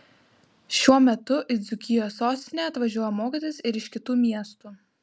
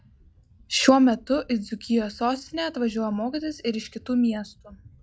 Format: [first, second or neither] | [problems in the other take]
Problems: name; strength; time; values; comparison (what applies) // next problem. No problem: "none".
first | noise reduction (classical method log-MMSE)